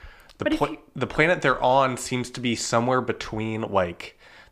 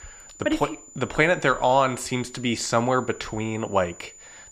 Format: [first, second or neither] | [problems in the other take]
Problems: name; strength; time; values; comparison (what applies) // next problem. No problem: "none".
first | high-pitched whine; faint; throughout; 7 kHz, 20 dB below the speech